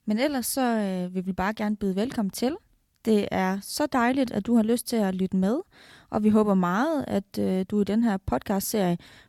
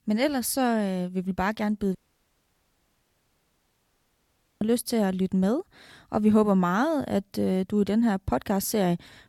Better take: first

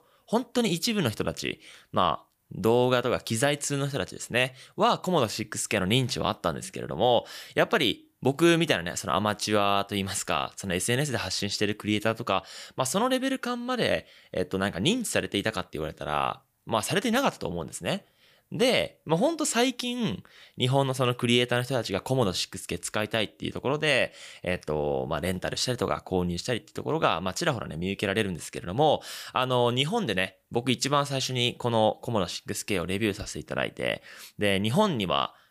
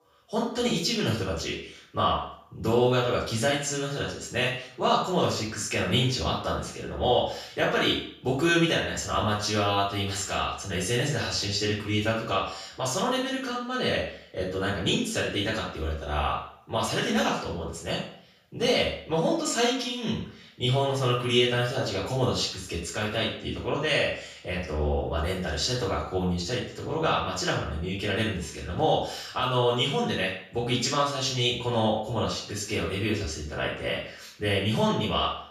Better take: first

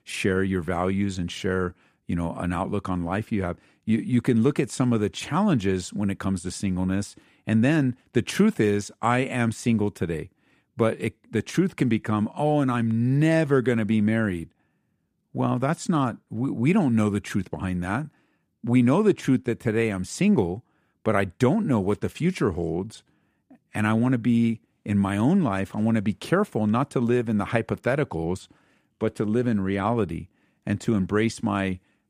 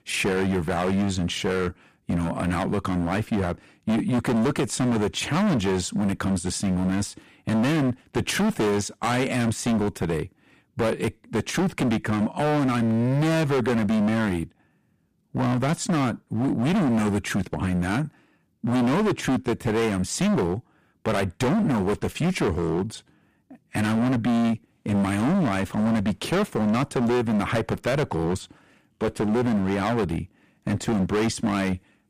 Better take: first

